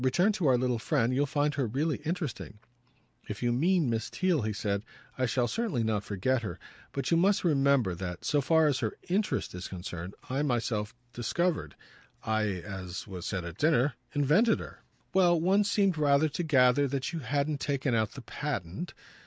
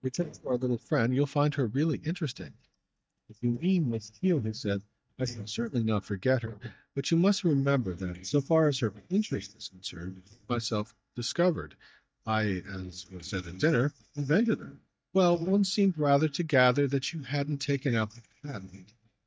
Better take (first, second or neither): first